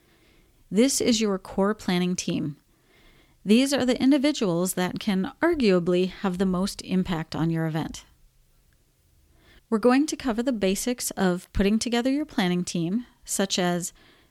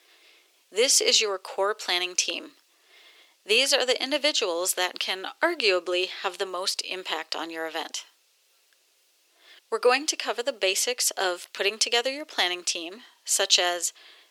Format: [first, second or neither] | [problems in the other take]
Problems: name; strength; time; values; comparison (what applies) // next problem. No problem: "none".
first | thin; very; fading below 400 Hz